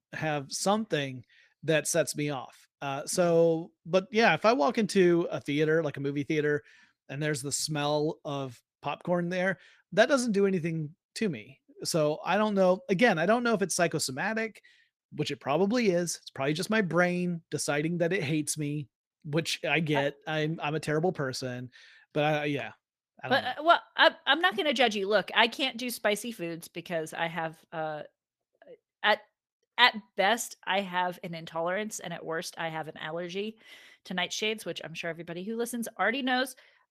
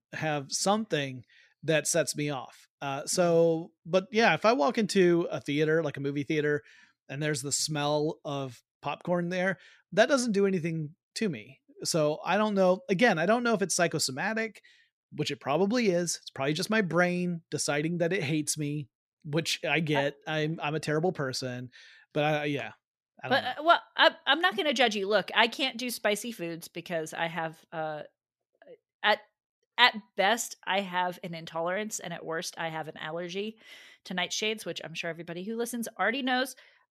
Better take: second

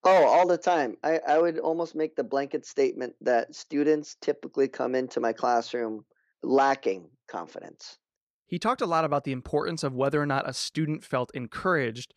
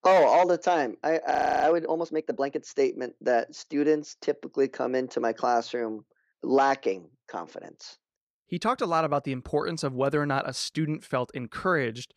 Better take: first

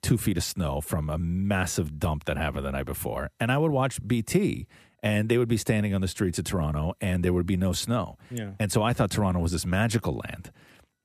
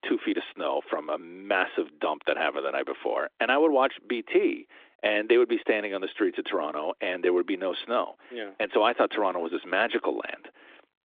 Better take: first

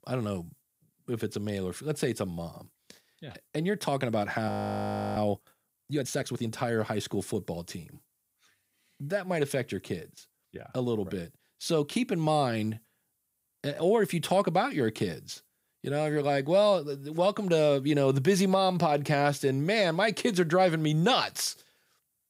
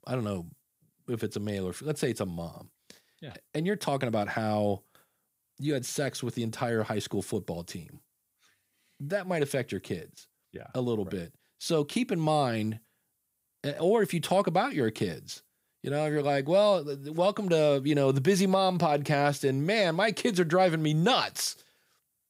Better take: second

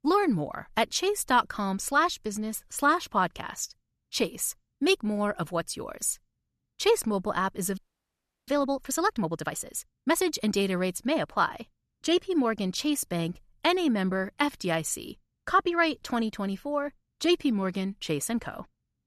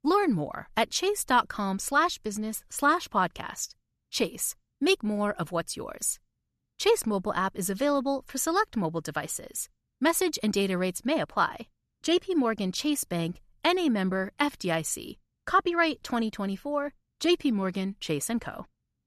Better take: second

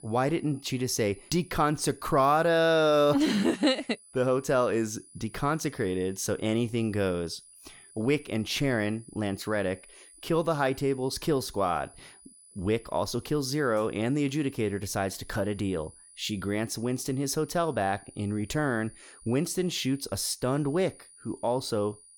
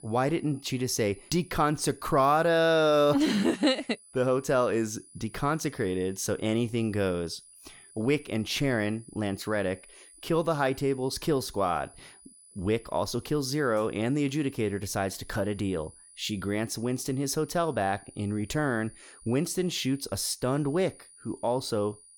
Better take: neither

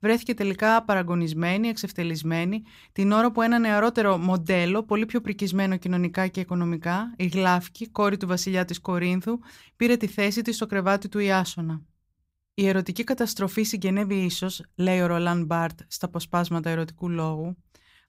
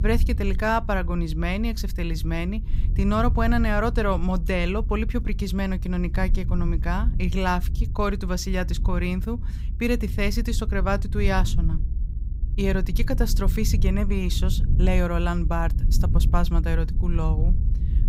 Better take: first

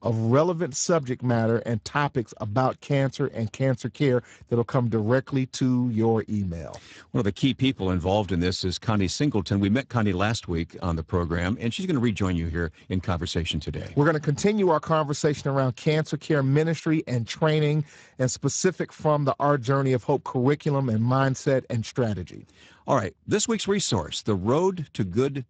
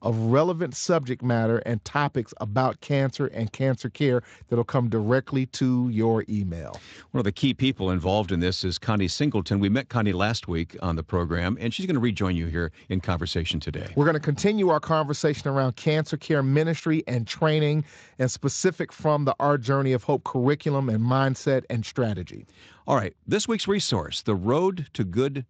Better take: second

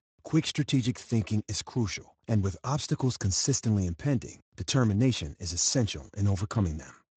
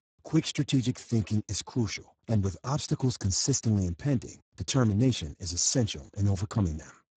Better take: first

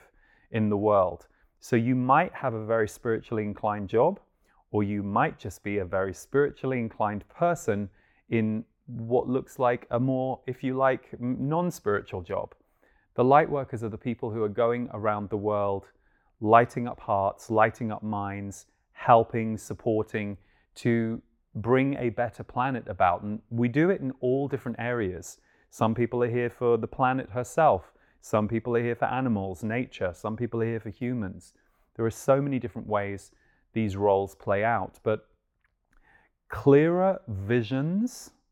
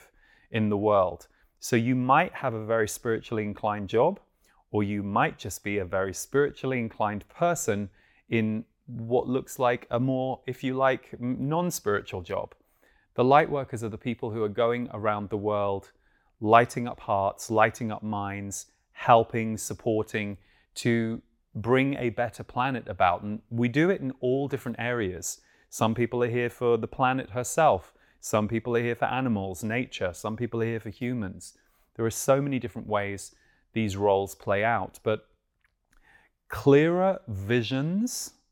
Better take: second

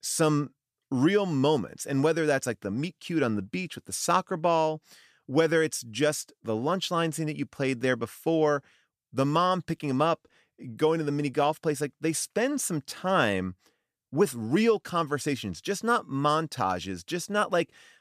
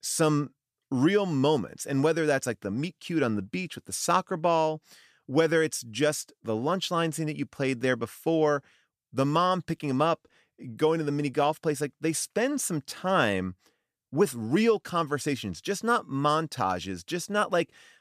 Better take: neither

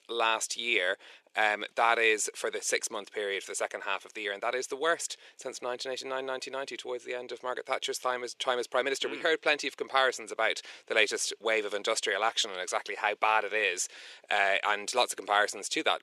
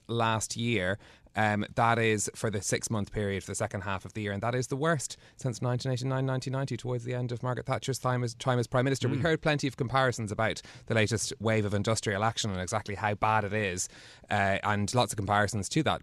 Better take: second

